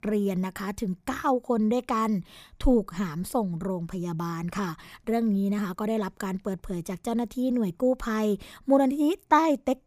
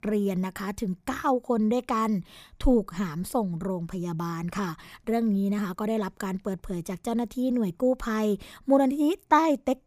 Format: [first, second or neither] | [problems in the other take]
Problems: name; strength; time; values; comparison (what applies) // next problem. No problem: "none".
neither | none